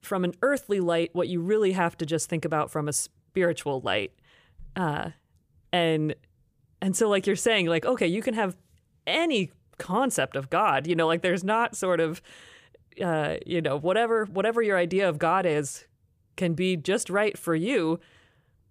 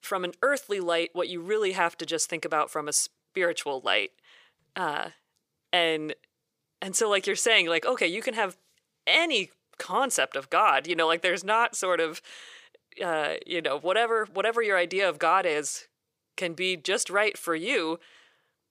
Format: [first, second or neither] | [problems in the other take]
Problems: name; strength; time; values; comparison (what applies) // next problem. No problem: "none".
first | thin; somewhat; fading below 400 Hz